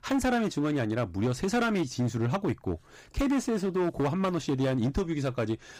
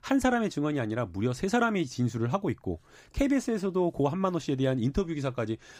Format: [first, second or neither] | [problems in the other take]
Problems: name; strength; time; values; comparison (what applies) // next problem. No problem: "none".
second | distortion; slight; 14% of the sound clipped